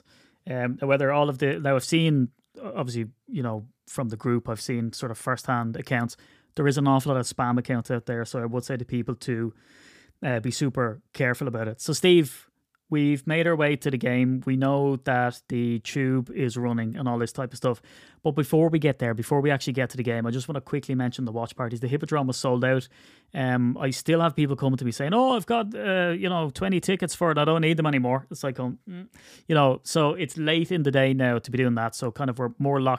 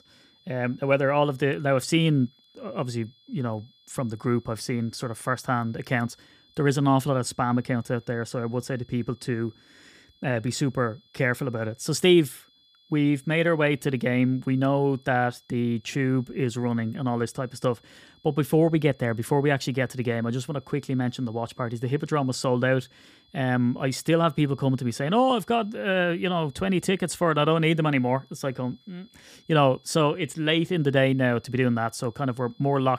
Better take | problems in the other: first | high-pitched whine; faint; throughout; 3.5 kHz, 35 dB below the speech

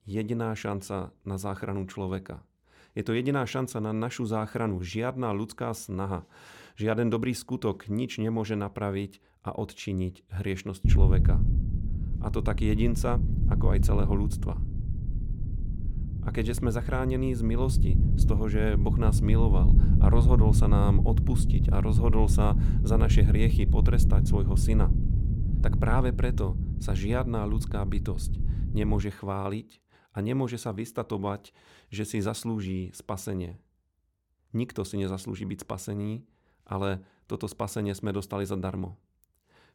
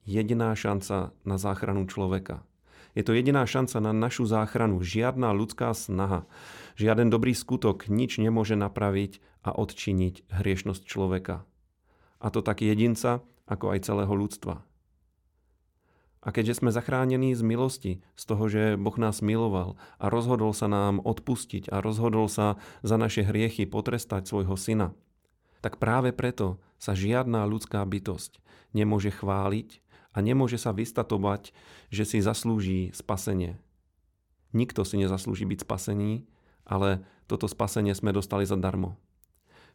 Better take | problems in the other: second | low rumble; loud; from 11 to 29 s; 6 dB below the speech

